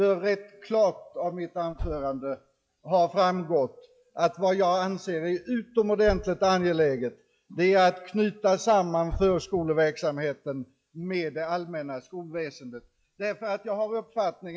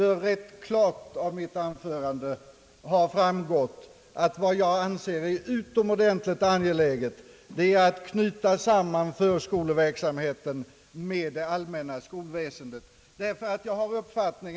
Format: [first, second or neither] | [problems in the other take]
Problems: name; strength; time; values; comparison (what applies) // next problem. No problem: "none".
second | noise reduction (classical method log-MMSE)